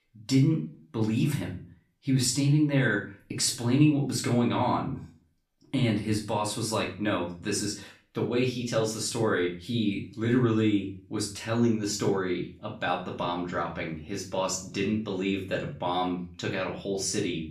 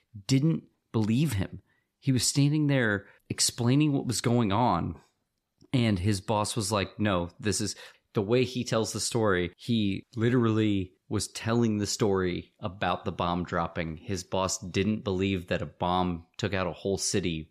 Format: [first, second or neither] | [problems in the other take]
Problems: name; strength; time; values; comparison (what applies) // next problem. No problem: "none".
second | room echo; slight; dies away in 0.3 s // off-mic speech; far